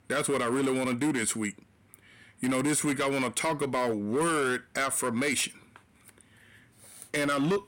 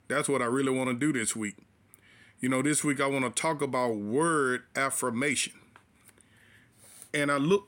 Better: second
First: distortion; slight; 10% of the sound clipped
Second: none

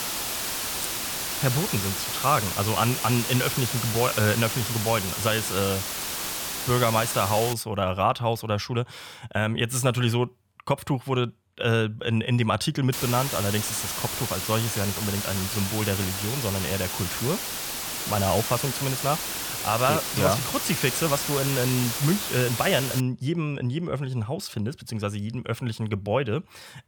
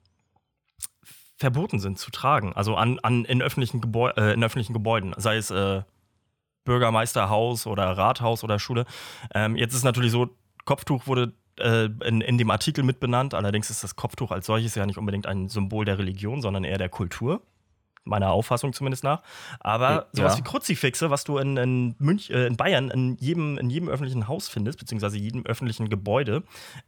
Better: second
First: hiss; loud; until 7.5 s and from 13 to 23 s; 2 dB below the speech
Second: none

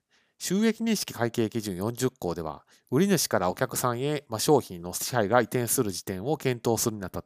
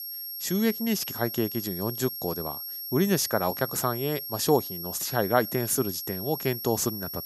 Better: first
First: none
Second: high-pitched whine; loud; throughout; 11.5 kHz, 6 dB below the speech

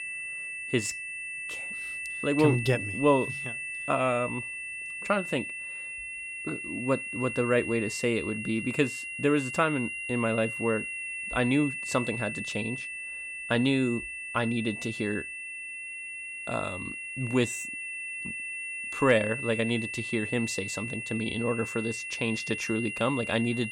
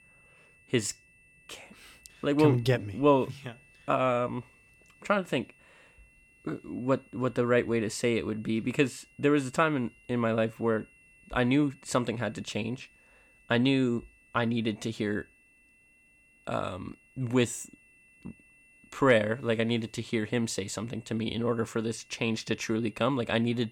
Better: second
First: high-pitched whine; loud; throughout; 2.5 kHz, 5 dB below the speech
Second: high-pitched whine; faint; throughout; 2.5 kHz, 30 dB below the speech

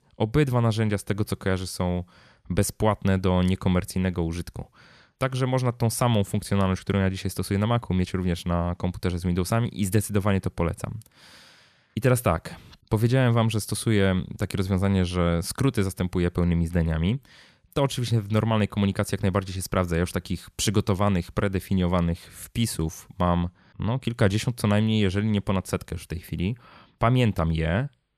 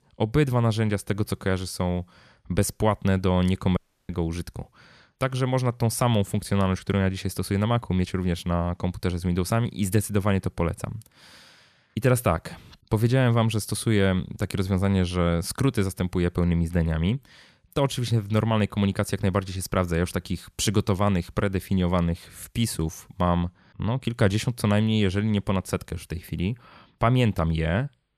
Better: first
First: none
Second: audio cutting out; at 4 s

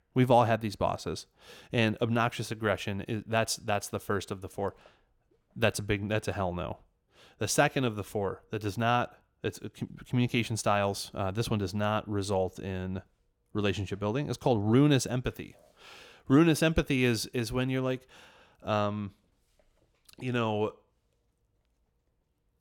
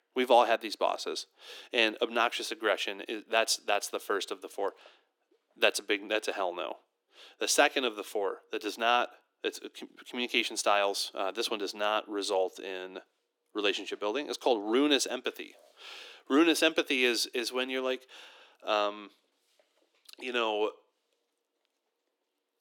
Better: first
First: none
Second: thin; somewhat; fading below 300 Hz

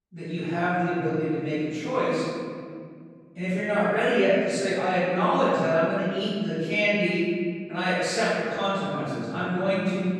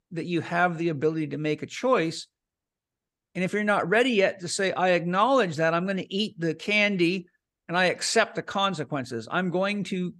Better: second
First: off-mic speech; far // room echo; strong; dies away in 2.2 s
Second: none

